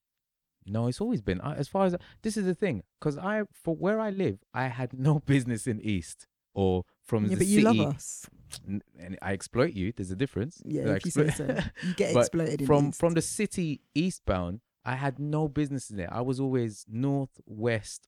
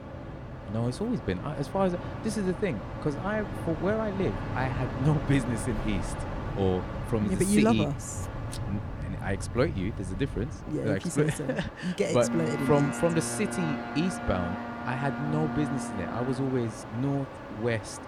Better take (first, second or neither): first